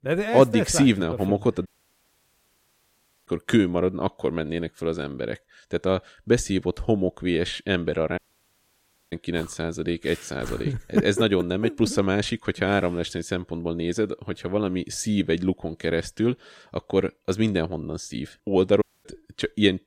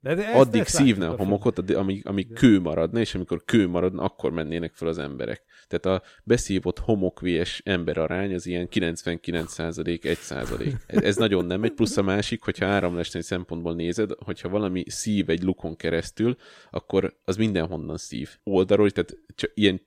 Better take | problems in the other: second | audio cutting out; at 1.5 s for 1.5 s, at 8 s for 1 s and at 19 s

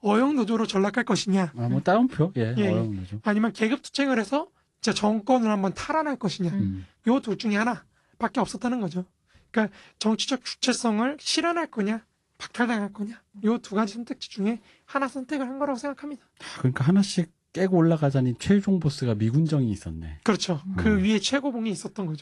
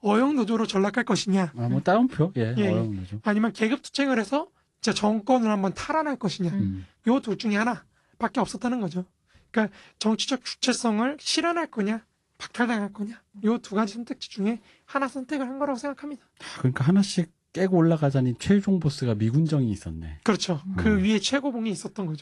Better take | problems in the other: neither | garbled, watery; slightly; the same in both

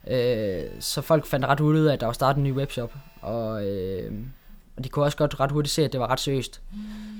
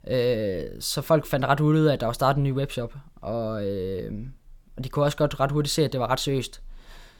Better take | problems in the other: second | alarms or sirens; faint; throughout; 25 dB below the speech

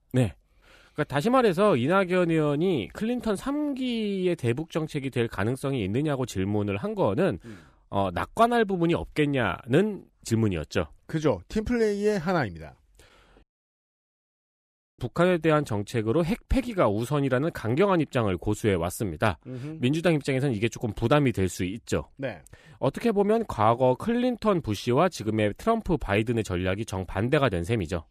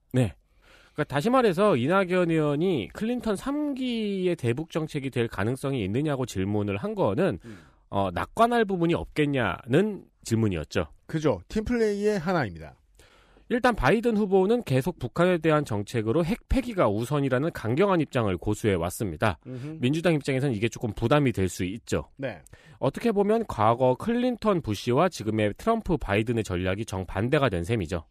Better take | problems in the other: second | audio cutting out; at 13 s for 1.5 s

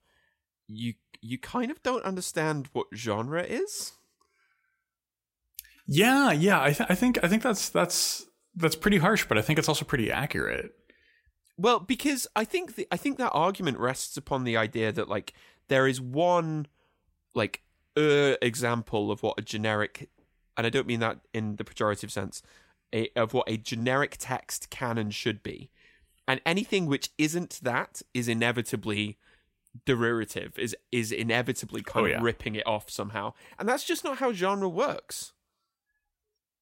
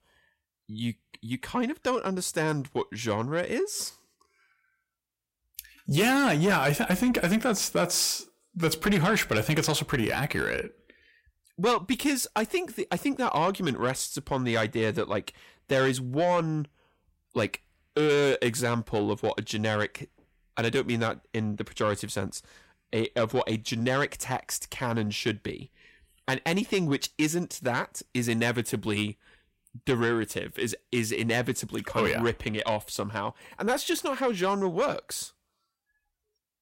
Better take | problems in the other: first | distortion; slight; 10 dB below the speech

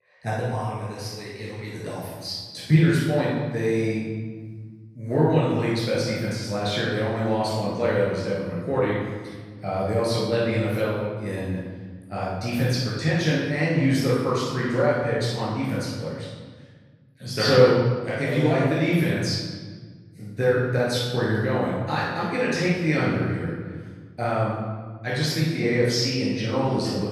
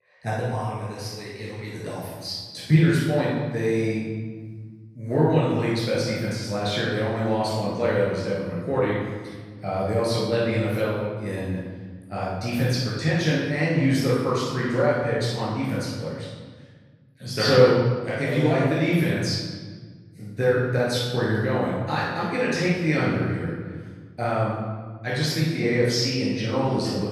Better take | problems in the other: neither | off-mic speech; far; the same in both // room echo; strong; dies away in 1.4 s; the same in both

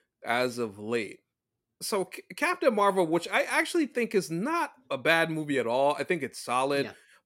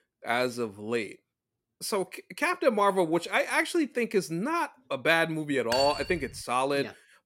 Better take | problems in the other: first | clattering dishes; noticeable; at 5.5 s; peak 3 dB below the speech

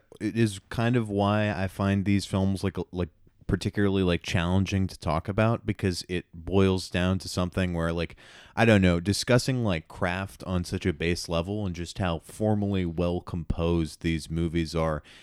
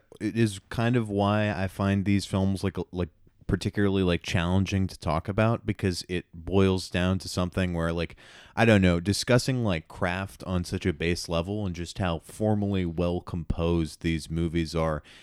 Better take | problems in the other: neither | none

